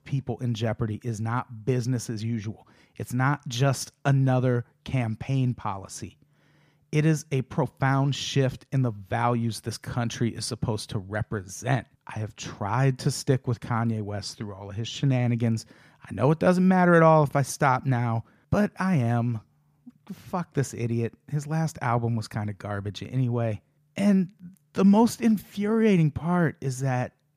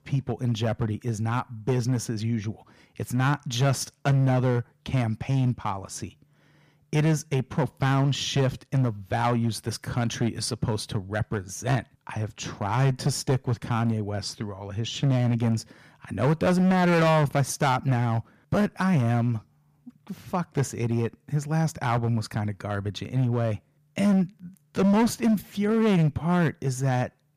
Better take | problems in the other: first | distortion; slight; 7% of the sound clipped

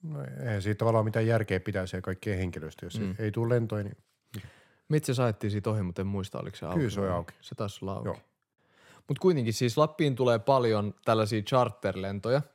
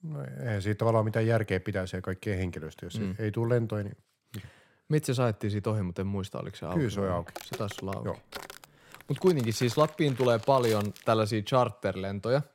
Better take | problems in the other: first | footsteps; faint; from 7.5 to 11 s; peak 10 dB below the speech

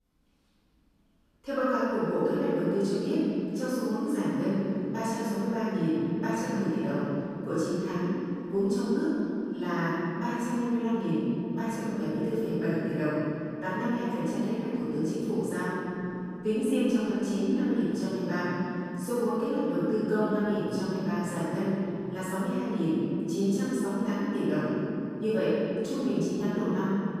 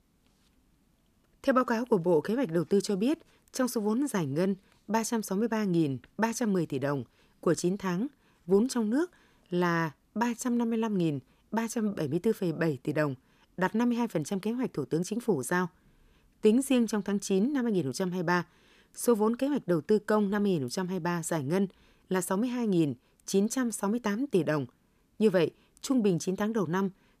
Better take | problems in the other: second | room echo; strong; dies away in 3 s // off-mic speech; far

